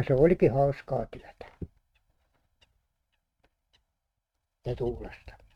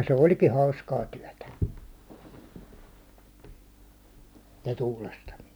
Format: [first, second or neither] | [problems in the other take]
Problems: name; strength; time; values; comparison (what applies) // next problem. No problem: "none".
second | noise reduction (neural mask model RNNoise)